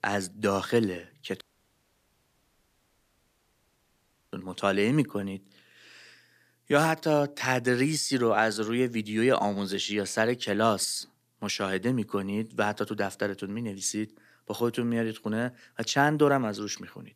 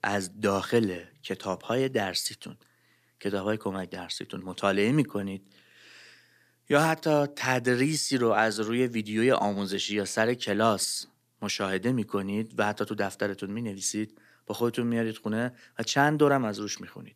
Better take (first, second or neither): second